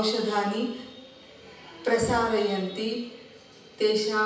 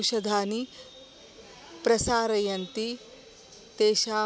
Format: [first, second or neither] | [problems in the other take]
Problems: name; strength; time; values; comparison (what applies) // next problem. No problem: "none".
second | room echo; dies away in 0.9 s